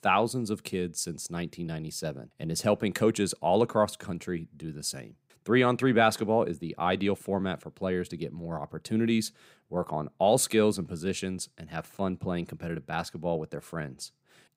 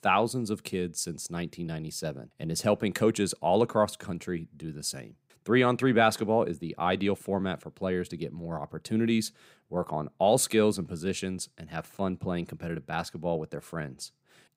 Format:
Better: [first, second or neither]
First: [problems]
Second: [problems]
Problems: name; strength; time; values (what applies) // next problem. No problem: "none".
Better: neither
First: none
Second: none